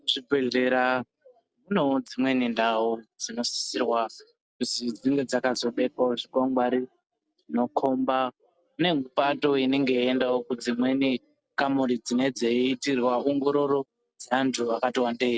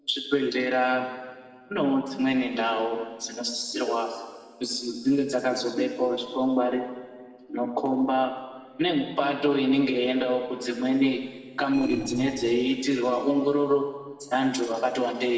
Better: first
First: none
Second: noise reduction (neural separator model SepFormer DNS4)

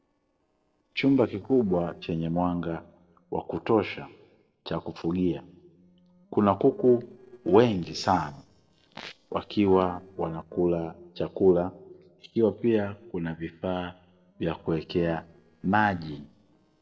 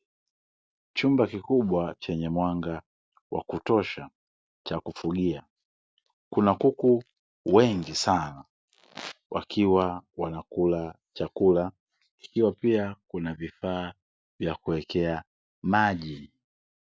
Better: second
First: noise reduction (neural separator model SepFormer DNS4)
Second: none

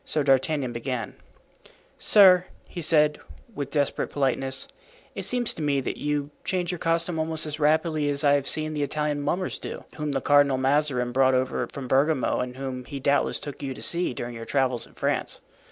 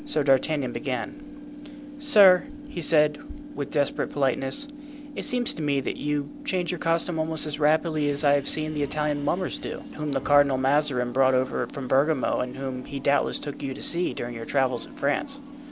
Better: first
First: none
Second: background sound (Subway, metro, underground / Train); 14 dB below the speech

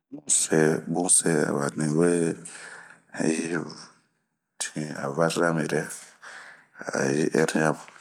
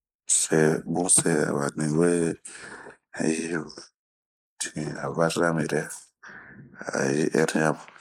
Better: first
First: none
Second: noise reduction (neural mask model Resemble Enhance denoiser)

